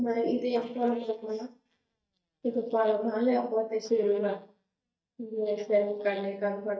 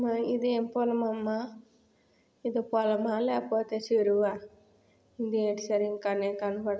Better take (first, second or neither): second